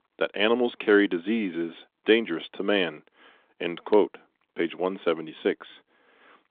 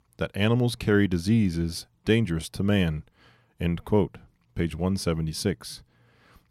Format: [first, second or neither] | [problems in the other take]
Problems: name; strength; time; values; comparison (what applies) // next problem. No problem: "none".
second | phone-call audio